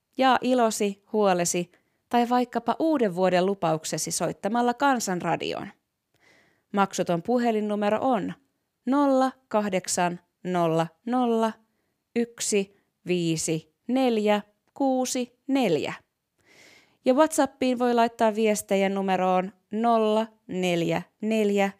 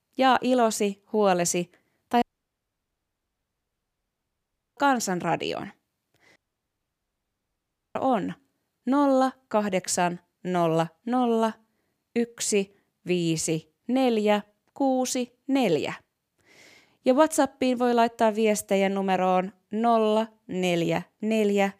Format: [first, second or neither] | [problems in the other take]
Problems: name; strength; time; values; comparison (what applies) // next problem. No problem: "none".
first | audio cutting out; at 2 s for 2.5 s and at 6.5 s for 1.5 s